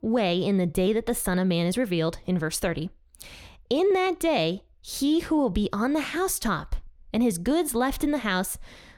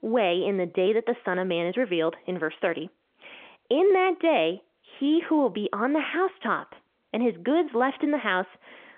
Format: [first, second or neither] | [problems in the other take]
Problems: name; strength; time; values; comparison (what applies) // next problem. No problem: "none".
first | phone-call audio; nothing above 3.5 kHz